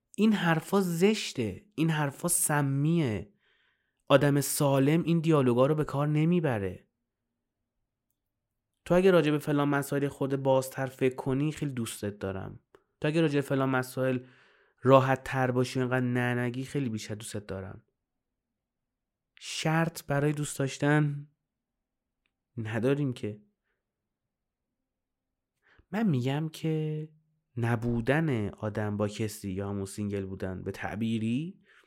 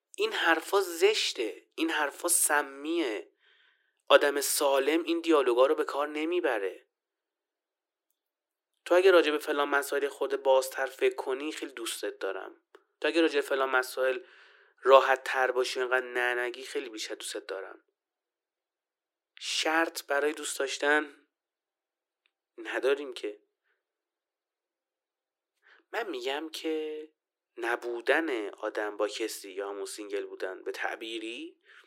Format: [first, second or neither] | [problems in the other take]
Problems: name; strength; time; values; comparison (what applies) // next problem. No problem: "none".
first | thin; very; fading below 300 Hz